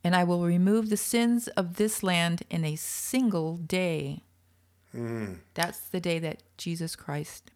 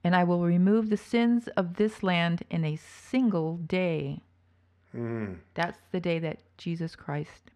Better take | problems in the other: first | muffled; slightly; fading above 2.5 kHz

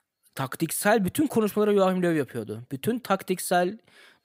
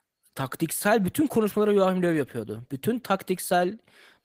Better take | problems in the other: first | garbled, watery; slightly; nothing above 15.5 kHz

